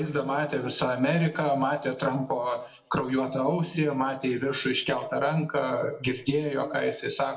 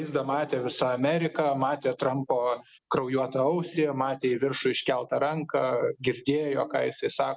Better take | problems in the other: second | room echo; dies away in 0.5 s

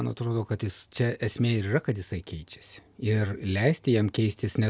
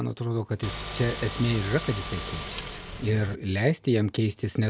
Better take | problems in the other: first | background sound (Car); 9 dB below the speech

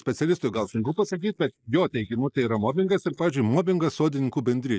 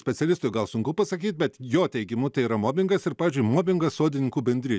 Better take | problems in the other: second | noise reduction (neural mask model Resemble Enhance denoiser)

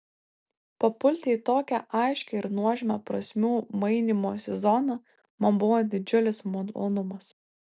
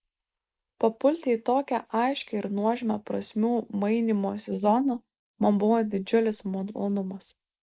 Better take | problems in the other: first | noise reduction (neural mask model Resemble Enhance denoiser)

